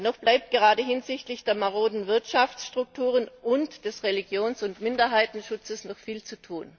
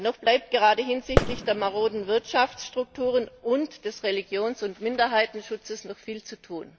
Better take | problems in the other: first | background sound (Fireworks); 4 dB below the speech

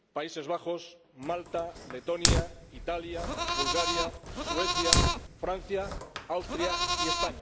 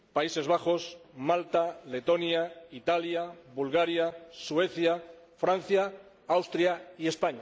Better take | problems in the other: second | background sound (Fire + Livestock, farm animals, working animals); 5 dB above the speech

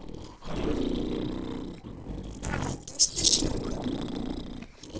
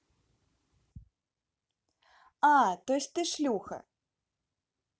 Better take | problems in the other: second | noise reduction (neural separator model SepFormer DNS4)

